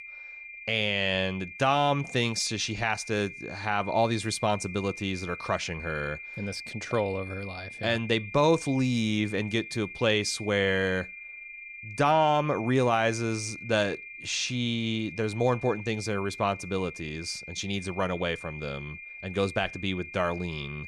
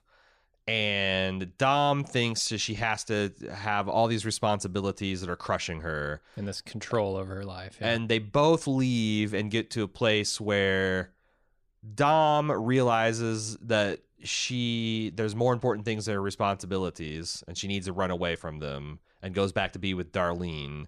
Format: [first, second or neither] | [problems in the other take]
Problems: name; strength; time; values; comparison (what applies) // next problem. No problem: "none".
second | high-pitched whine; noticeable; throughout; 2.5 kHz, 10 dB below the speech